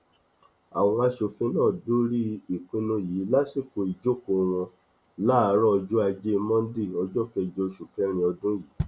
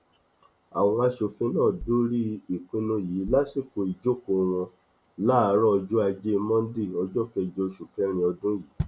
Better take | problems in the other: first | background sound (Bass drum); 16 dB below the speech

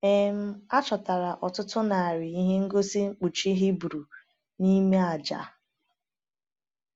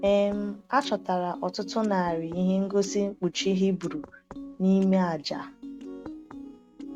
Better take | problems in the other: first | noise reduction (neural mask model RNNoise)

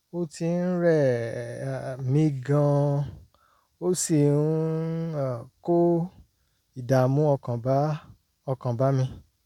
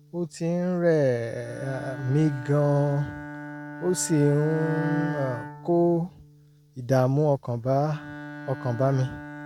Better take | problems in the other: first | background sound (Bowed string instrument); 12 dB below the speech

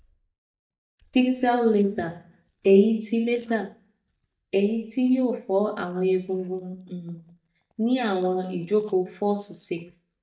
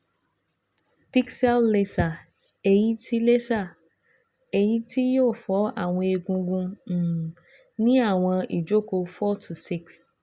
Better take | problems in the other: second | noise reduction (neural mask model DeepFilterNet 3)

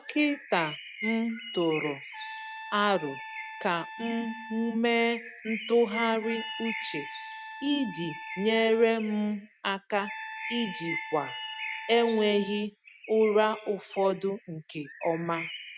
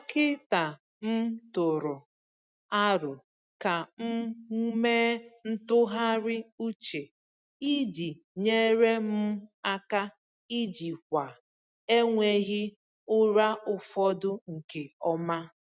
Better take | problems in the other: second | background sound (Trumpet + Bird); 11 dB below the speech

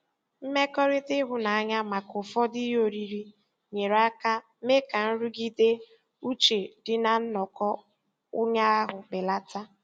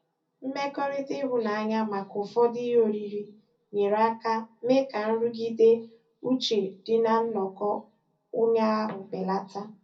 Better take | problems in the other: first | room echo; dies away in 0.3 s

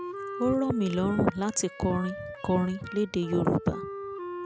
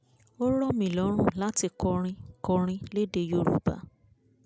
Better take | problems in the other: second | background sound (Wind instrument, woodwind instrument); 11 dB below the speech

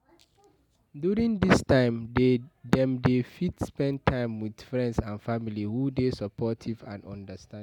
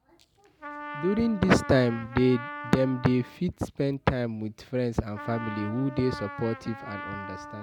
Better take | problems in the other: first | background sound (Trumpet); 13 dB below the speech

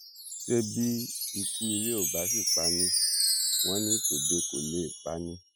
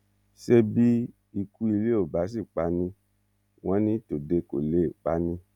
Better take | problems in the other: second | noise reduction (classical method spectral subtraction)

